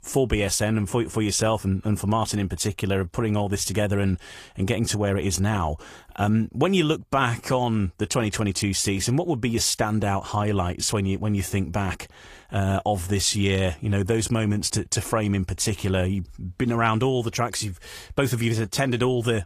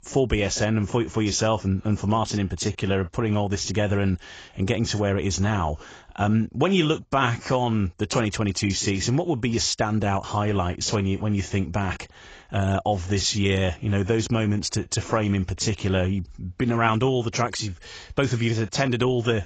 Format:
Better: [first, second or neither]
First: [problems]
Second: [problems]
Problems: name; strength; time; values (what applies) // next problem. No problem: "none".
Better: first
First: garbled, watery; slightly; nothing above 15 kHz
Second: garbled, watery; badly; nothing above 7.5 kHz